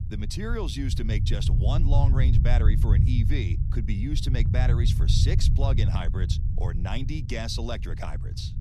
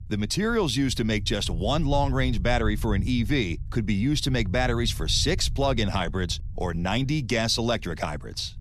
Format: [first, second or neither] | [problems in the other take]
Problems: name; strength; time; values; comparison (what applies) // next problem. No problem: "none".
second | low rumble; loud; throughout; 5 dB below the speech; faint in the second